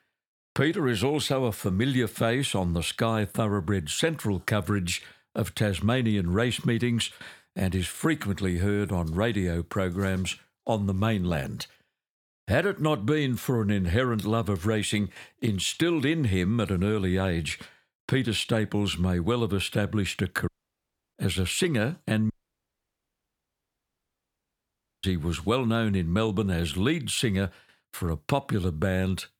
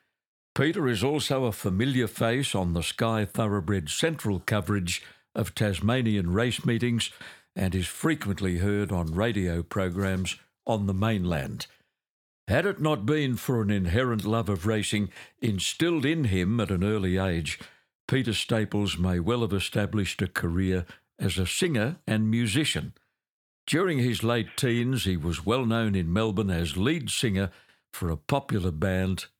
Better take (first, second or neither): second